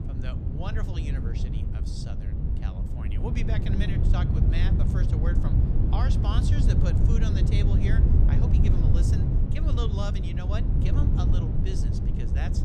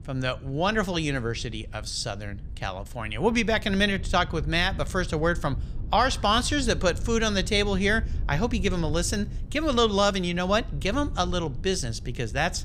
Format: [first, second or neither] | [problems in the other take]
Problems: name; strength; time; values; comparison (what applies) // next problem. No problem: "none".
second | wind noise on the microphone; heavy; 1 dB above the speech; occasional gusts in the second